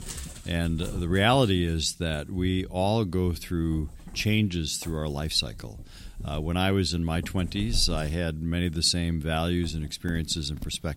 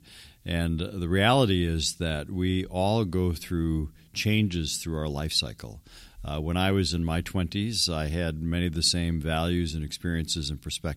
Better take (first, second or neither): second